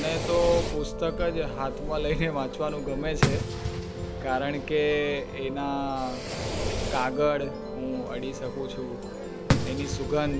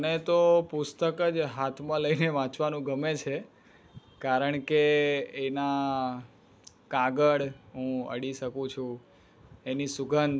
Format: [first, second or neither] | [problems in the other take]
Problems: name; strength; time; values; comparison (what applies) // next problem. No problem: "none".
second | background sound (Fireworks + Musical instrument); 2 dB below the speech